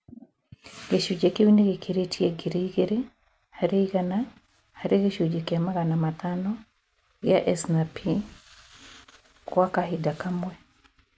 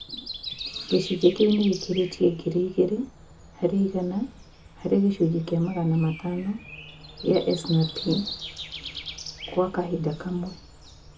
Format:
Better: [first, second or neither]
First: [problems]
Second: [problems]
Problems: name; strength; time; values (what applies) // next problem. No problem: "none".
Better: first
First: none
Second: background sound (Breathing); 14 dB below the speech // room echo; dies away in 0.2 s